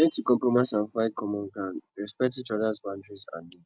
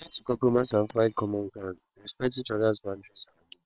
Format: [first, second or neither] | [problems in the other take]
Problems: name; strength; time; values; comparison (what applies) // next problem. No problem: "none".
first | noise reduction (neural separator model SepFormer WHAM!)